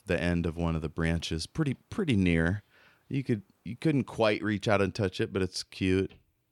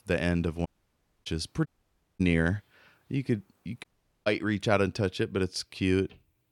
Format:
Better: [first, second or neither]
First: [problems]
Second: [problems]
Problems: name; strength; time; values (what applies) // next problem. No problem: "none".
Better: first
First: none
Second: audio cutting out; at 0.5 s for 0.5 s, at 1.5 s for 0.5 s and at 4 s